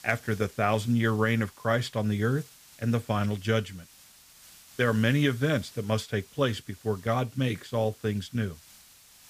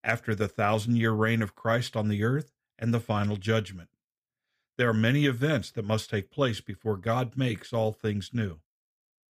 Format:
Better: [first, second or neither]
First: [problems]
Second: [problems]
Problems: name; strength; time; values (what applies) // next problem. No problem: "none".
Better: second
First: hiss; faint; throughout; 25 dB below the speech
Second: none